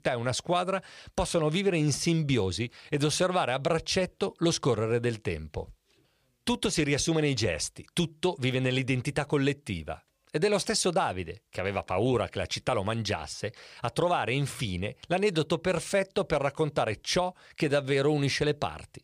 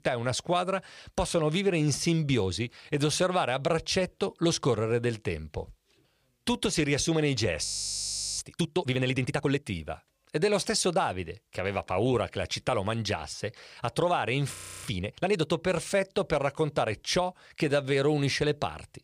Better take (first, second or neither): first